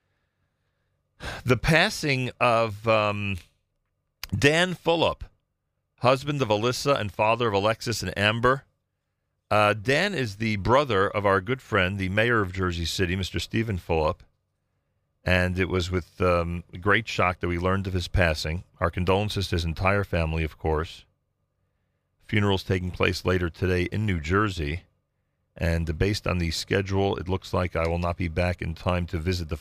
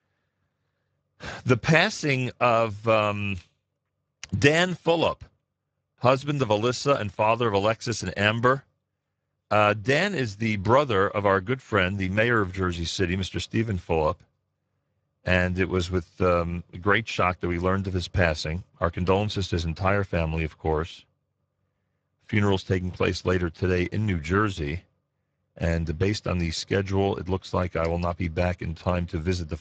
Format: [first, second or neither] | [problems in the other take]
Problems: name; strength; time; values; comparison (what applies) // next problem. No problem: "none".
first | garbled, watery; badly; nothing above 7.5 kHz